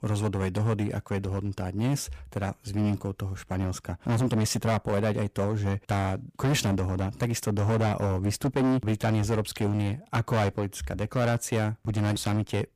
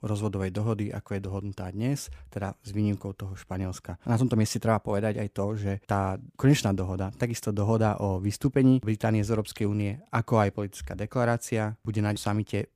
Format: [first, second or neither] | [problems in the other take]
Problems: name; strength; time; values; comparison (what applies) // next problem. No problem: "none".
second | distortion; heavy; 13% of the sound clipped